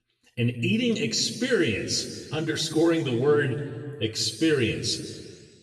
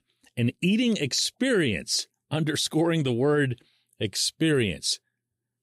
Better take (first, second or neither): second